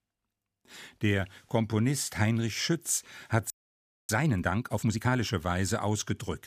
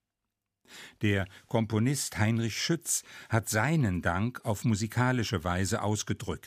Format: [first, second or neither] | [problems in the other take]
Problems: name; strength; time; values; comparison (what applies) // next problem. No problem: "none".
second | audio freezing; at 3.5 s for 0.5 s